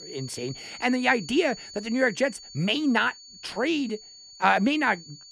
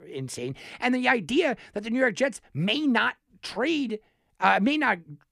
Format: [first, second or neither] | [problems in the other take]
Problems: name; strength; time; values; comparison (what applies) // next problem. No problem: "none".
second | high-pitched whine; noticeable; throughout; 4.5 kHz, 15 dB below the speech